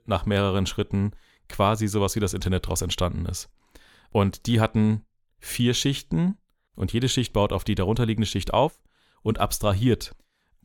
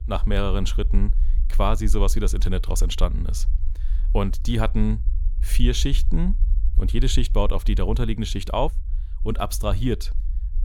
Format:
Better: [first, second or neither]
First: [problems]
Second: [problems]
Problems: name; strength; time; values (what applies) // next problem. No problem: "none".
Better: first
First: none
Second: low rumble; faint; throughout; 20 dB below the speech